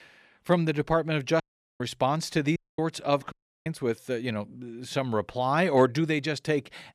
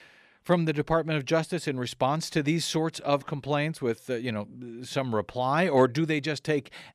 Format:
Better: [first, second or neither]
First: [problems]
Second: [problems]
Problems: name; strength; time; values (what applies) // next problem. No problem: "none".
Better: second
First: audio cutting out; at 1.5 s, at 2.5 s and at 3.5 s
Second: none